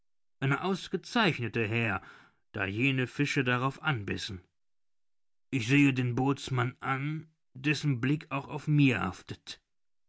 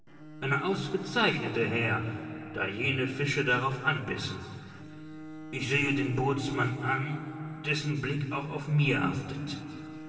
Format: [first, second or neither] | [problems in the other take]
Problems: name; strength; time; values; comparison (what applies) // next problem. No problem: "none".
first | background sound (Bowed string instrument); 14 dB below the speech // room echo; dies away in 2.7 s